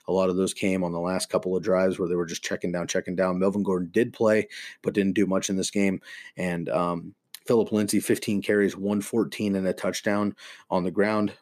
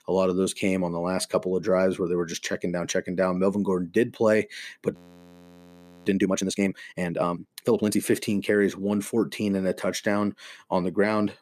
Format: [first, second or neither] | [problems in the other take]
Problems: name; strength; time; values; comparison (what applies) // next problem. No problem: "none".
first | audio freezing; at 5 s for 1 s